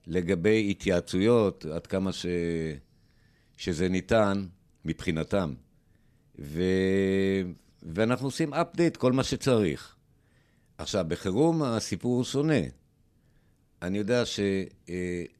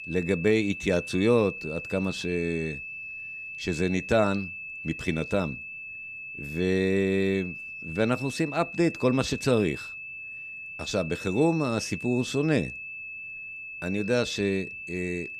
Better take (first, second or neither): first